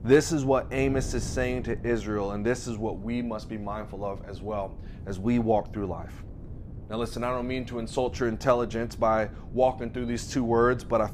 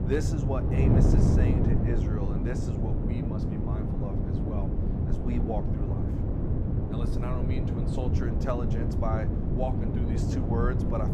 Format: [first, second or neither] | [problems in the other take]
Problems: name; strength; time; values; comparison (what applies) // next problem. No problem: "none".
first | wind noise on the microphone; heavy; 1 dB above the speech; occasional gusts in the first